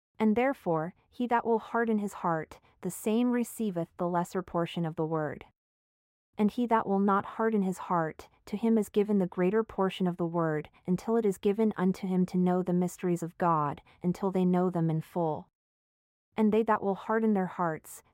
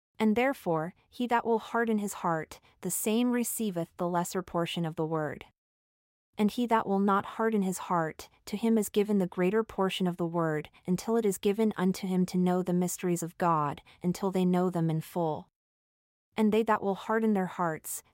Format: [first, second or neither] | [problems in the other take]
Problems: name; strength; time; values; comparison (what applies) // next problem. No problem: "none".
second | muffled; slightly; fading above 2.5 kHz